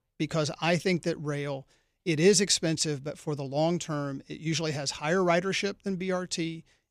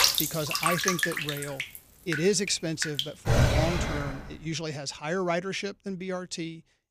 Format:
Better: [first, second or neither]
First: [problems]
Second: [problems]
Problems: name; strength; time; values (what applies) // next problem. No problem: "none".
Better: first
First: none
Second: household noises; very loud; until 4.5 s; 2 dB above the speech